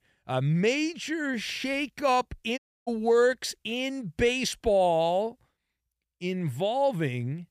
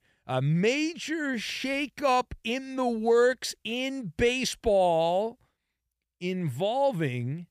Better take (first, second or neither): second